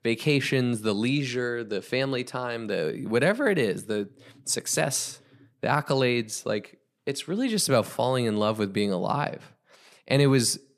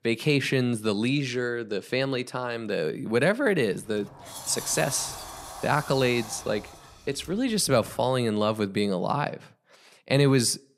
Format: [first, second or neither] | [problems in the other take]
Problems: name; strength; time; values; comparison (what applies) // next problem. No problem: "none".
first | door banging; noticeable; from 3.5 to 8 s; peak 10 dB below the speech